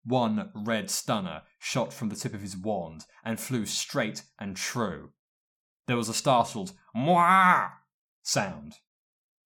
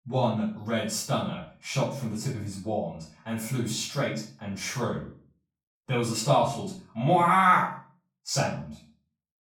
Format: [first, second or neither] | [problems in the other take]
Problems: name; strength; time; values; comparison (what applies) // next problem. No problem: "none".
first | off-mic speech; far // room echo; noticeable; dies away in 0.4 s